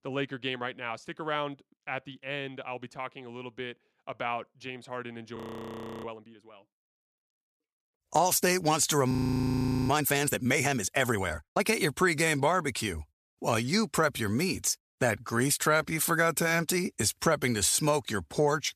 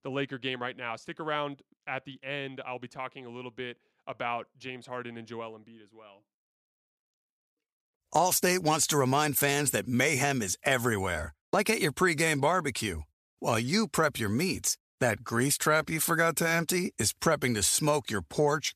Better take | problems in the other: second | audio freezing; at 5.5 s for 0.5 s and at 9 s for 1 s

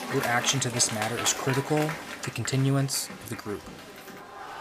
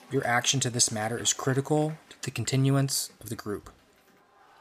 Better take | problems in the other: second | crowd noise; loud; throughout; 8 dB below the speech; faint in the second

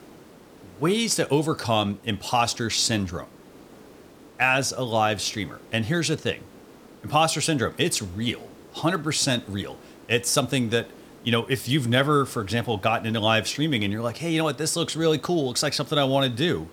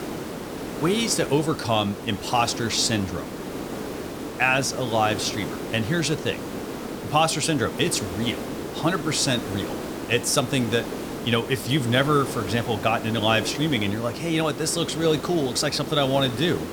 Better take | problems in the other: first | hiss; loud; throughout; 9 dB below the speech; faint in the first

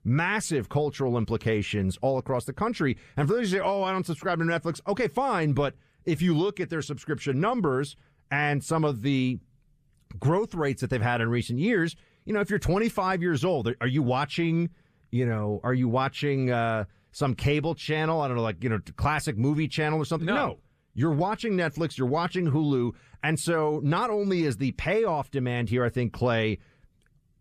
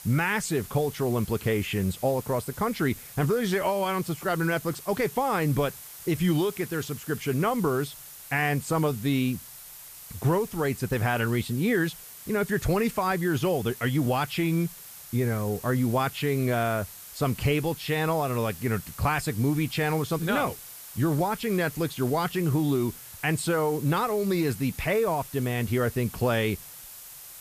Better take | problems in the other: first | hiss; noticeable; throughout; 15 dB below the speech

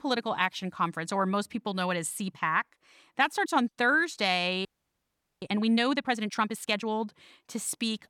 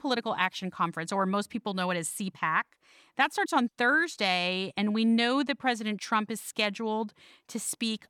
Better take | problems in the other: second | audio freezing; at 4.5 s for 1 s

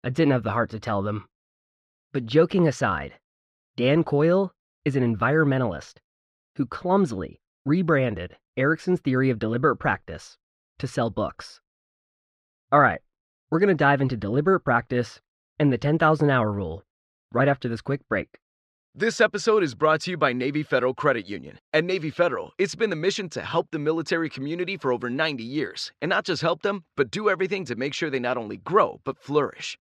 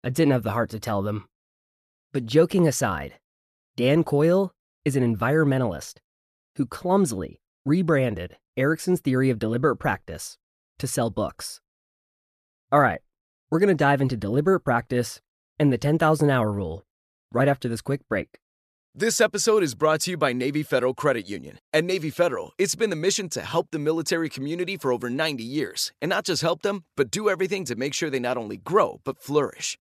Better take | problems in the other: second | muffled; very slightly; fading above 3.5 kHz

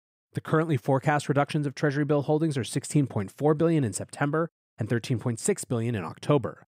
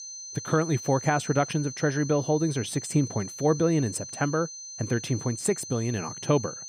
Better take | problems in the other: first | high-pitched whine; noticeable; throughout; 6 kHz, 10 dB below the speech

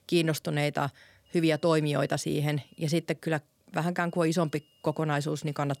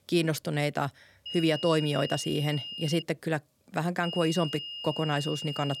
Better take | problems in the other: first | high-pitched whine; loud; from 1.5 to 3 s and from 4 s on; 3 kHz, 7 dB below the speech; faint in the first

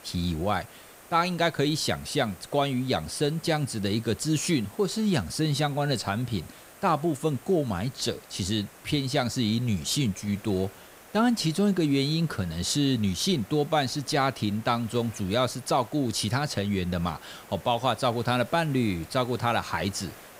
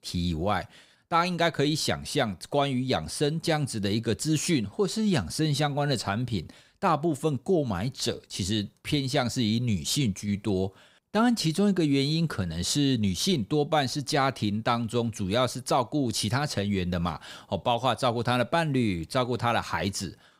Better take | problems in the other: second | hiss; faint; throughout; 20 dB below the speech

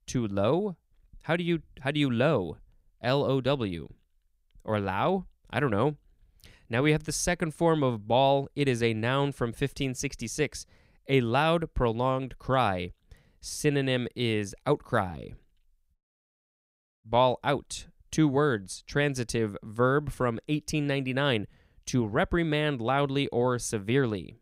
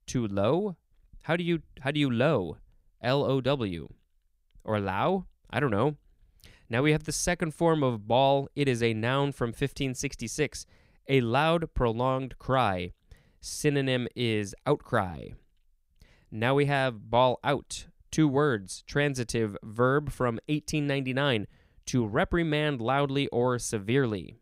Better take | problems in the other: second | audio cutting out; at 16 s for 1 s

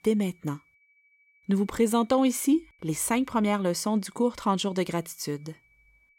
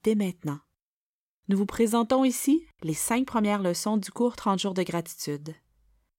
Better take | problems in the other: second | high-pitched whine; faint; throughout; 2.5 kHz, 35 dB below the speech

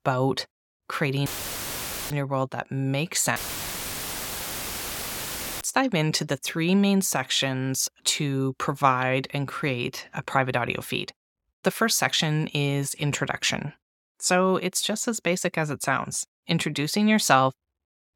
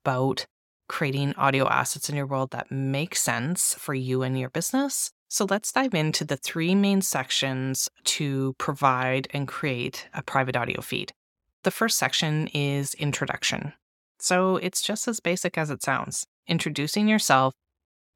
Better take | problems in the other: second | audio cutting out; filled with static; at 1.5 s for 1 s and at 3.5 s for 2.5 s

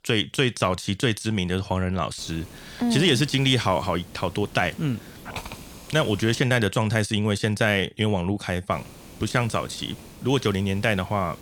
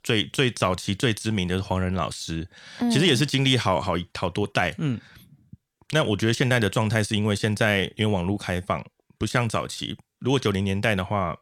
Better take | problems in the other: second | hiss; noticeable; from 2 to 6.5 s and from 8.5 s on; 20 dB below the speech

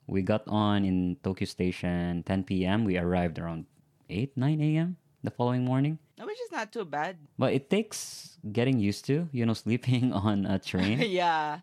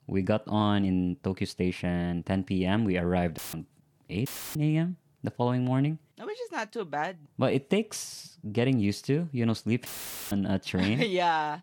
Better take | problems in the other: first | audio cutting out; filled with static; at 3.5 s, at 4.5 s and at 10 s

